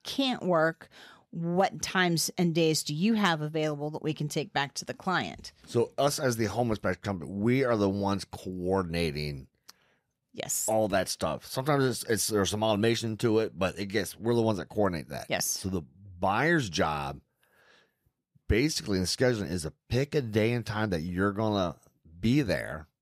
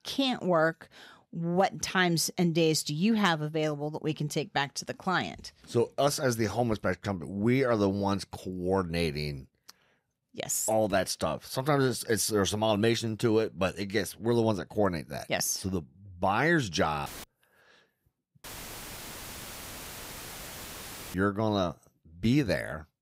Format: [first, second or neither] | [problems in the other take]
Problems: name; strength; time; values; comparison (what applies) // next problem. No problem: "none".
first | audio cutting out; filled with static; at 17 s and at 18 s for 2.5 s